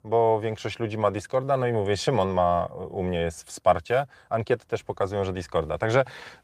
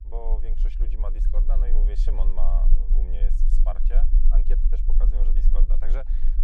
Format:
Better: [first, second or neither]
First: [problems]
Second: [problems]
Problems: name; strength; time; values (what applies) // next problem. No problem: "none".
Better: first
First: none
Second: low rumble; loud; throughout; 8 dB below the speech